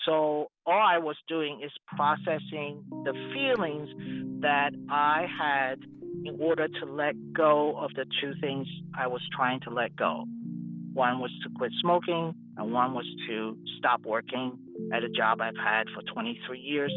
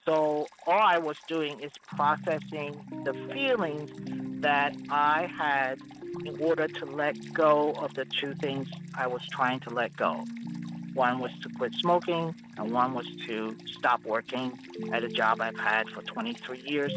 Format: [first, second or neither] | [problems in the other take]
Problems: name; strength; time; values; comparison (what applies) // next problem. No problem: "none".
first | noise reduction (neural mask model RNNoise)